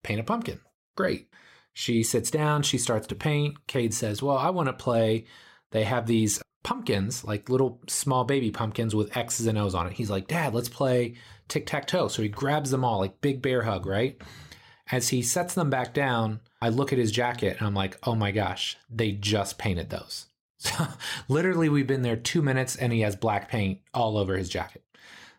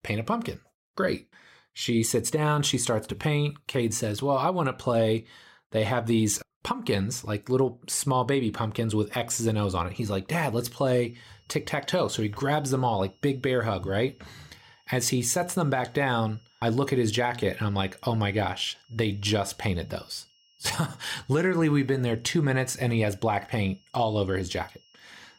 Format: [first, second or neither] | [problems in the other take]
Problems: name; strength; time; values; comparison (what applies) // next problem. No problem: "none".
first | high-pitched whine; faint; from 11 s on; 3 kHz, 35 dB below the speech